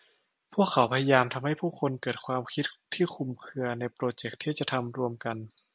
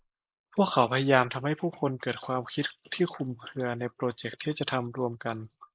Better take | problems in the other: first | noise reduction (neural mask model Resemble Enhance denoiser)

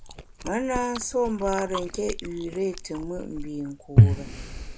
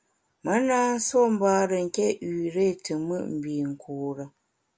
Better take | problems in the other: second | background sound (Chewing, mastication); 3 dB above the speech

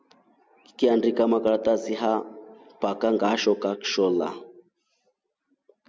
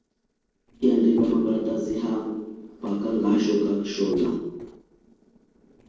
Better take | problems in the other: first | noise reduction (neural separator model SepFormer DNS4)

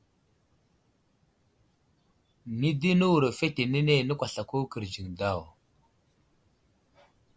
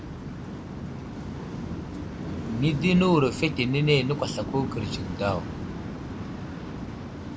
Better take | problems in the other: first | background sound (Waves, surf); 6 dB below the speech

